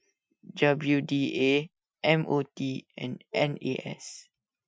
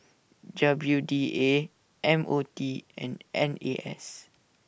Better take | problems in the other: second | noise reduction (classical method Wiener filter)

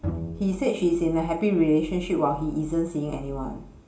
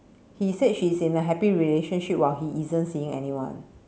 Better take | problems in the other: second | background sound (Bowed string instrument); 12 dB below the speech // room echo; dies away in 0.4 s

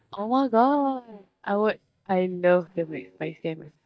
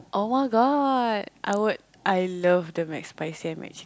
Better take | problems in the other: second | noise reduction (neural mask model DeepFilterNet 3)

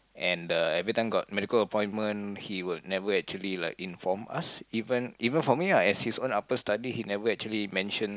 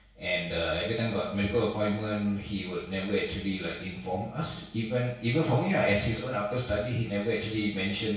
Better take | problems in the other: first | room echo; dies away in 0.6 s

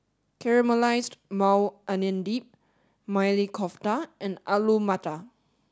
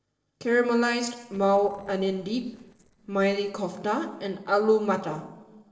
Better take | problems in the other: first | noise reduction (neural separator model SepFormer DNS4)

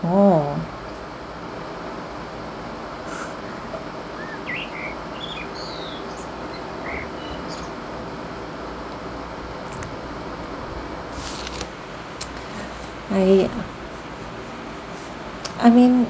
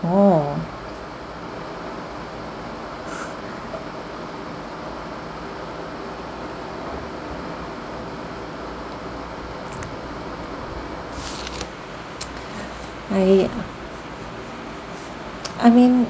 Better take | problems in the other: second | background sound (Bird); 13 dB below the speech

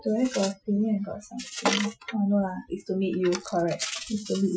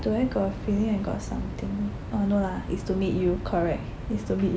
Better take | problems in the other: second | noise reduction (classical method Wiener filter)

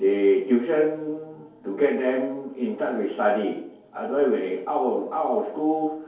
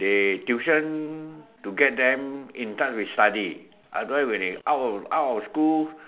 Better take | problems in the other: second | room echo; dies away in 2.4 s

